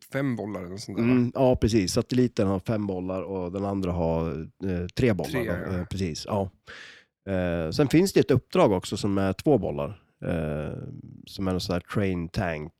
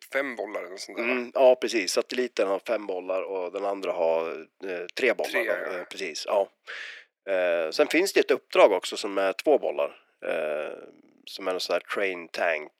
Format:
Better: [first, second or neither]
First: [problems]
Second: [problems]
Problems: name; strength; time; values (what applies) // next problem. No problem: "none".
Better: first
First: none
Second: thin; very; fading below 350 Hz